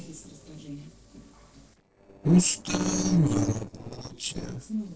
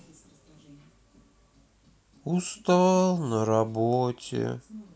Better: second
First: noise reduction (neural separator model SepFormer DNS4)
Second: none

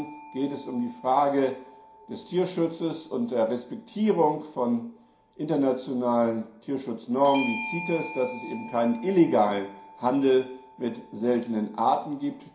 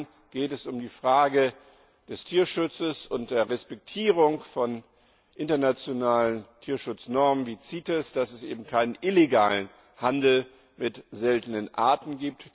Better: second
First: background sound (Bell / Doorbell); 17 dB below the speech // room echo; dies away in 0.5 s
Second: none

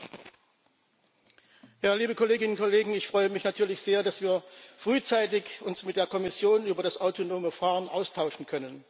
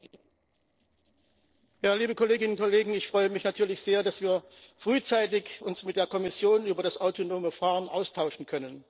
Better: first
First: none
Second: noise reduction (neural separator model SepFormer DNS4)

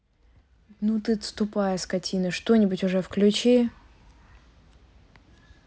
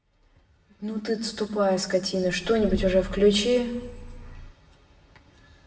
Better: first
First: none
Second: background sound (Engine starting / Car); 10 dB below the speech // room echo; dies away in 0.9 s

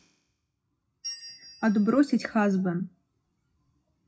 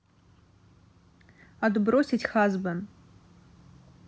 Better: second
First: noise reduction (classical method WPE with log-MMSE)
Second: none

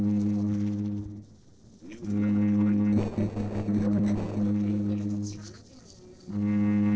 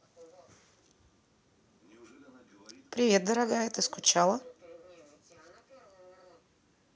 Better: second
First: noise reduction (neural separator model SepFormer DNS4)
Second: none

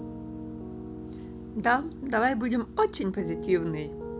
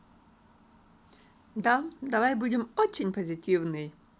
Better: second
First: background sound (Piano); 9 dB below the speech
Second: none

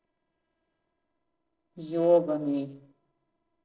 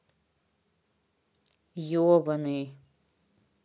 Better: second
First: noise reduction (neural separator model SepFormer DNS4)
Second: none

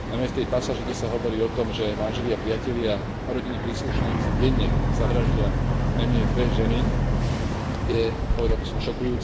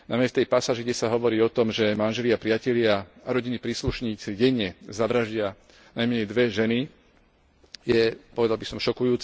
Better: second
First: background sound (Boat, Water vehicle); 4 dB above the speech // room echo; dies away in 2 s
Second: none

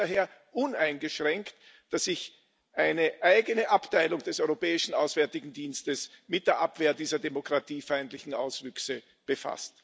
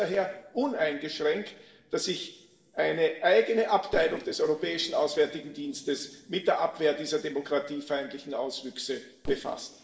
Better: first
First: none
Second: noise reduction (neural separator model SepFormer DNS4)

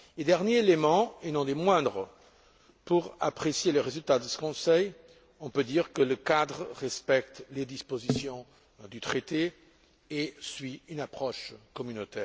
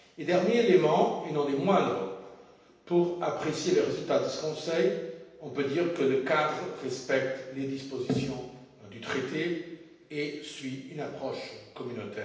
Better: first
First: none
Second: room echo; dies away in 0.9 s

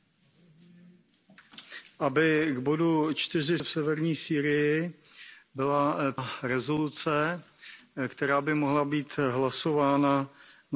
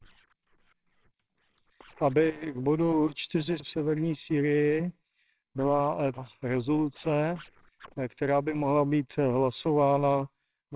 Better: first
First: none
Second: noise reduction (neural separator model SepFormer WHAMR!)

